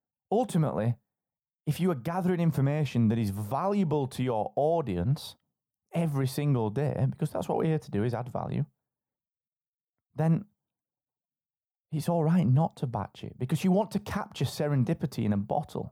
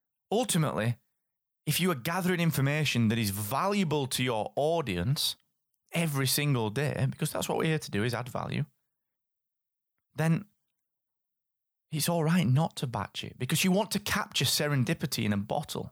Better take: second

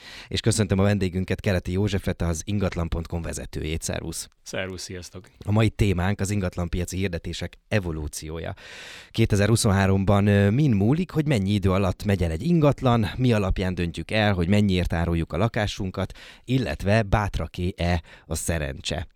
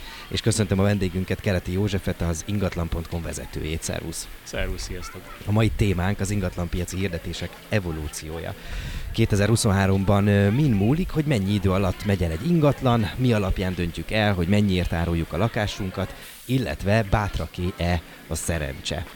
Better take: first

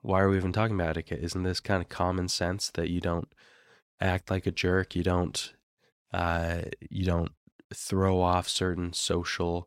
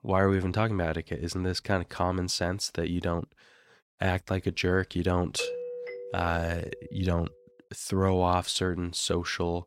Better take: first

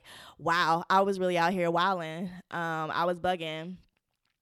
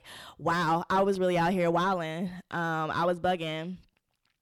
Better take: first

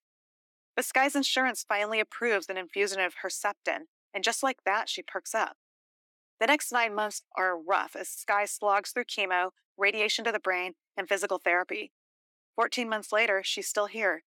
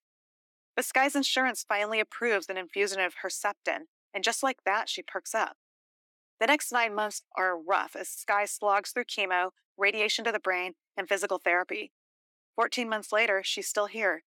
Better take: neither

